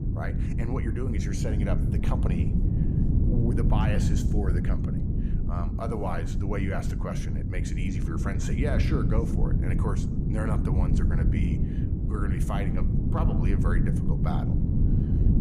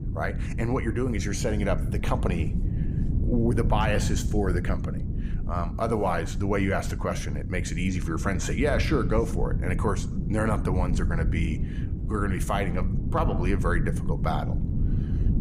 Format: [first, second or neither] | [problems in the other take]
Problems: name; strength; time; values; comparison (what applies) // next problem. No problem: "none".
second | wind noise on the microphone; heavy; 1 dB below the speech; occasional gusts in the second